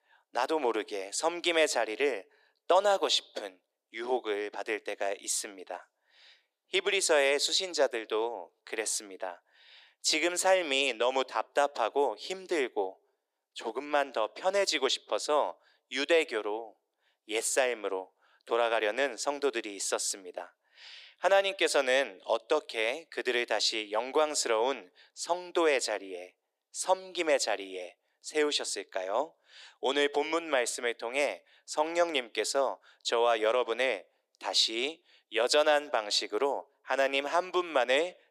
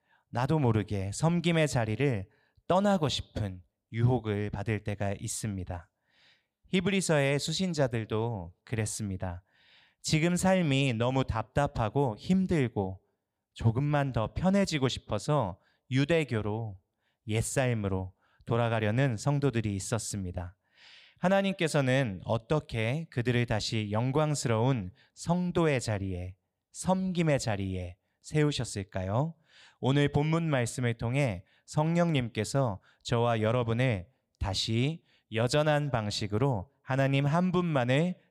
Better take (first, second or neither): second